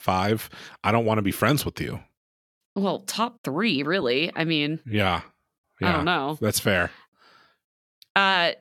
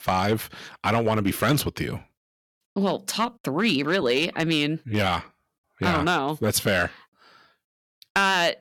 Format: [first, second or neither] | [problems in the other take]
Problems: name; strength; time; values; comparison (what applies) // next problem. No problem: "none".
first | distortion; slight; 2% of the sound clipped